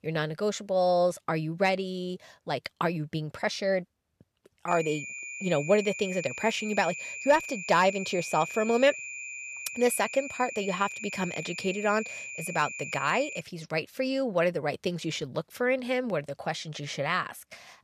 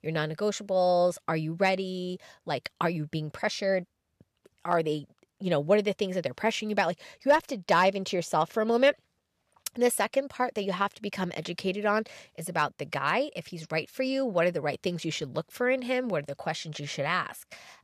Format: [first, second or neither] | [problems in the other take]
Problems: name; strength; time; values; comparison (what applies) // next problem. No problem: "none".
second | high-pitched whine; loud; from 4.5 to 13 s; 2.5 kHz, 8 dB below the speech